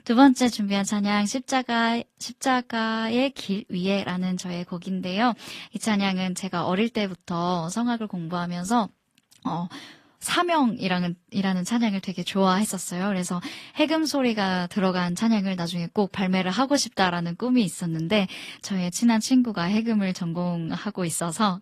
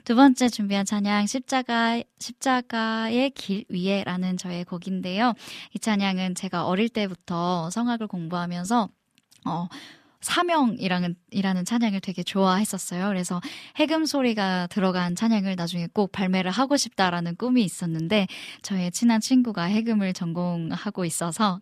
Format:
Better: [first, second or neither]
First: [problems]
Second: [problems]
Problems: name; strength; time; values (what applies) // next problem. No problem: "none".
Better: second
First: garbled, watery; slightly; nothing above 14.5 kHz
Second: none